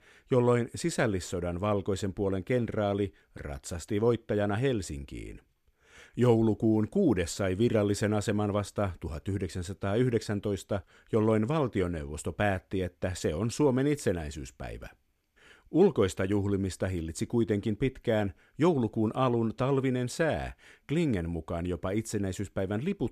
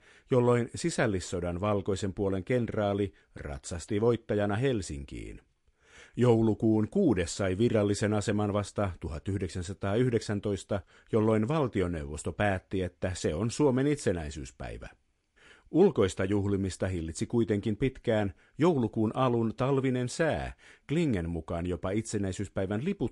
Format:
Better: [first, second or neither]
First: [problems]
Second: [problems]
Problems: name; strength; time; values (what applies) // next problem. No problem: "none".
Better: first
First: none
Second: garbled, watery; slightly